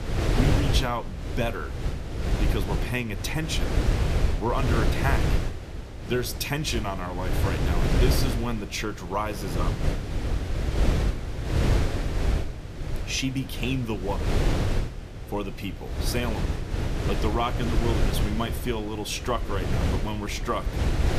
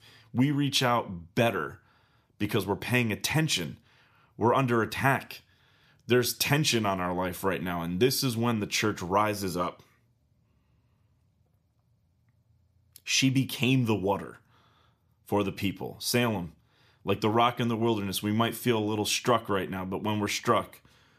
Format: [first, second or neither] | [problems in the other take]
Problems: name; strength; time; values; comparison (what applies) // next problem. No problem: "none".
second | wind noise on the microphone; heavy; 4 dB below the speech